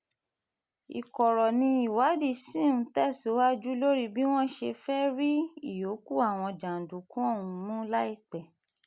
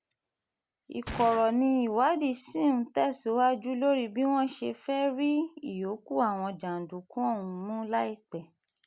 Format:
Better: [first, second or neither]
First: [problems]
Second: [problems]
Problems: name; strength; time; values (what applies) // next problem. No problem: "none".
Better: first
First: none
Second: background sound (Gunshot, gunfire); 13 dB below the speech